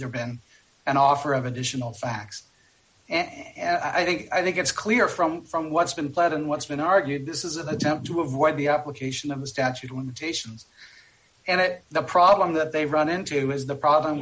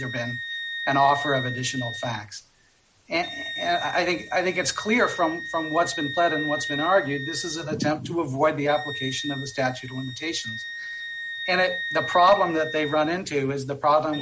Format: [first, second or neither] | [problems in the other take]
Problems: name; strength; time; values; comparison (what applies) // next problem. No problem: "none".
first | background sound (Wind instrument, woodwind instrument); 9 dB below the speech